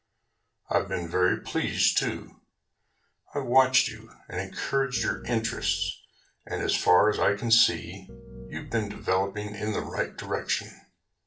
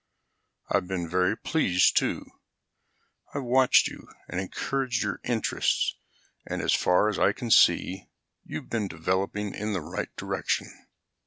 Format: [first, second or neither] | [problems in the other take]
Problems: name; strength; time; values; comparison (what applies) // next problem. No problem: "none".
second | background sound (Piano); 14 dB below the speech // room echo; dies away in 0.3 s